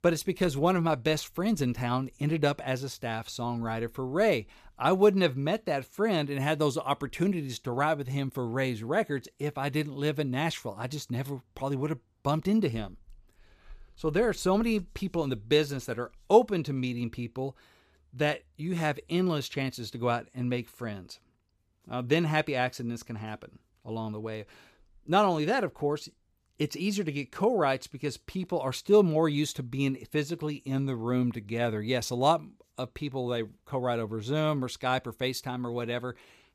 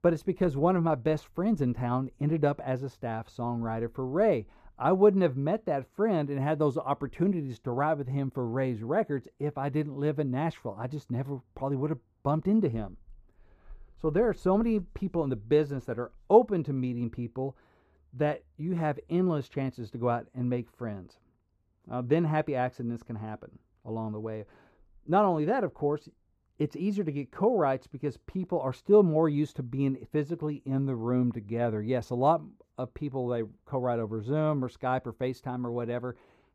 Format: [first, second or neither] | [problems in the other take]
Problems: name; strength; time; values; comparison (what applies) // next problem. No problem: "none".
first | muffled; very; fading above 2 kHz